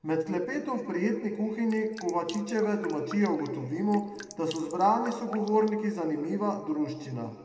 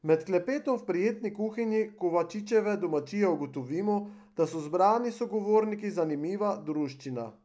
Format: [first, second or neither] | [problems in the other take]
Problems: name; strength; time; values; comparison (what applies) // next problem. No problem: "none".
second | background sound (Drip); 19 dB below the speech // room echo; dies away in 1.9 s